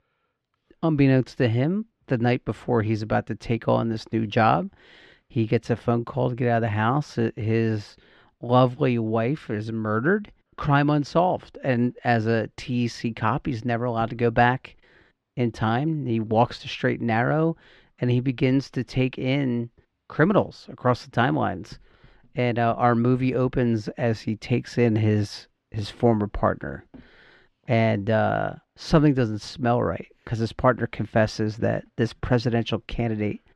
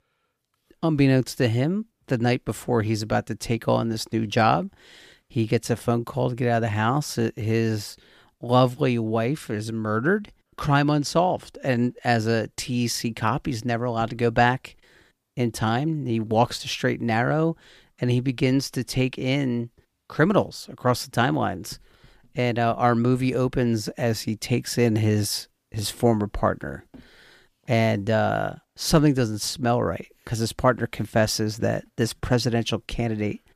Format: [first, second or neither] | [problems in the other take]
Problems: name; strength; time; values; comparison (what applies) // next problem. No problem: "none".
second | muffled; slightly; fading above 3 kHz